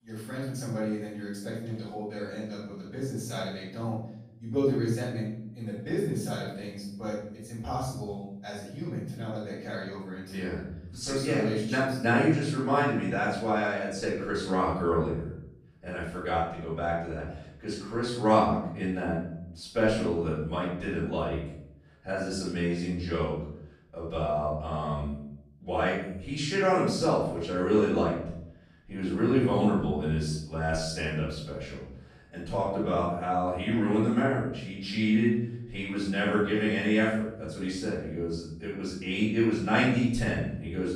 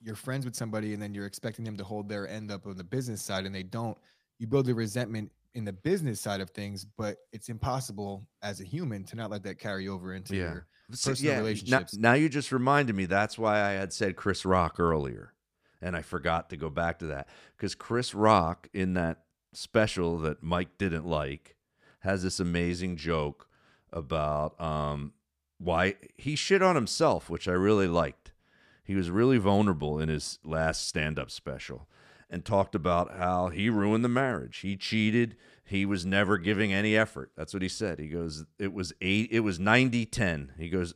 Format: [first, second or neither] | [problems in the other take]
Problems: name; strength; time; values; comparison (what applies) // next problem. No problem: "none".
second | off-mic speech; far // room echo; noticeable; dies away in 0.8 s